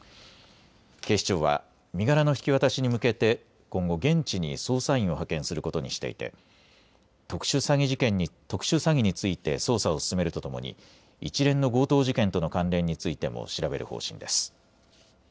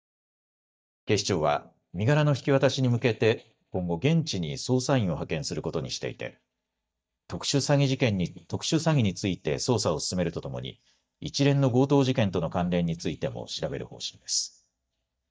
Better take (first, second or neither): first